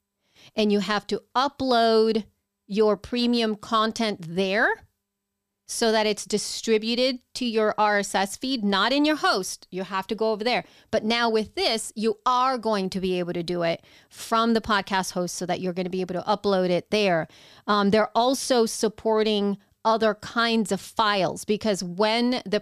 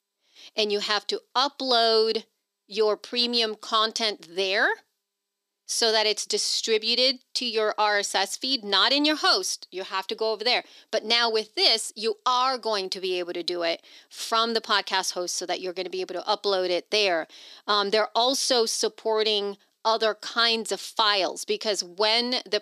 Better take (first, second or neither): first